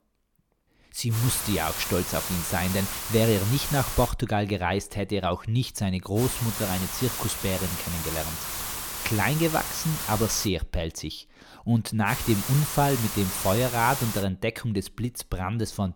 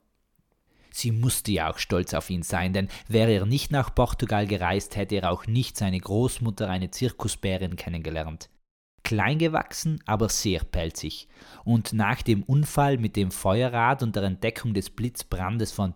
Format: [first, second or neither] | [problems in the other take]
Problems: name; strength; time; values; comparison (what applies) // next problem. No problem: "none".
second | hiss; loud; from 1 to 4 s, from 6 to 10 s and from 12 to 14 s; 4 dB below the speech